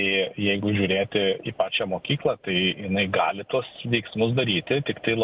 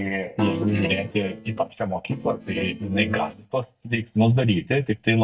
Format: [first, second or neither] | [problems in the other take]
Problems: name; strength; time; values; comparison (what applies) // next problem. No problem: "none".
first | noise reduction (neural mask model DeepFilterNet 3)